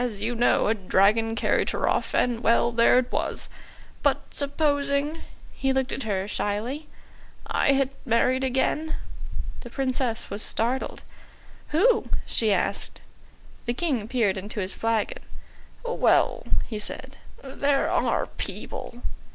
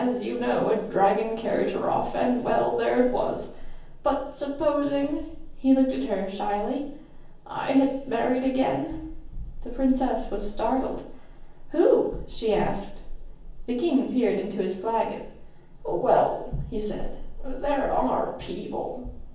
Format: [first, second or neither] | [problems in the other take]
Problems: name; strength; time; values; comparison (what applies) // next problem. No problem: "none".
first | room echo; dies away in 0.7 s